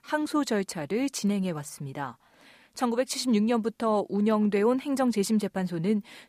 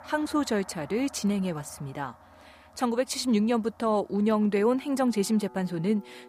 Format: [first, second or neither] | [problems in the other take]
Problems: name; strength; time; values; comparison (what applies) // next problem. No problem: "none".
first | background music; faint; throughout; 25 dB below the speech